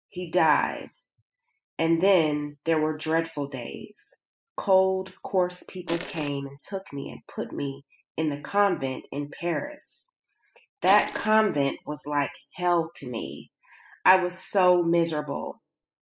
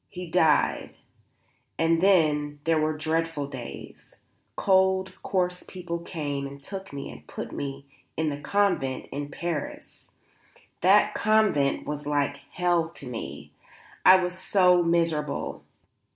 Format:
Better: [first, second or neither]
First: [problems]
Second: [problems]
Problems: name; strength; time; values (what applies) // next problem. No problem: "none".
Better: second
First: noise reduction (classical method spectral subtraction)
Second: none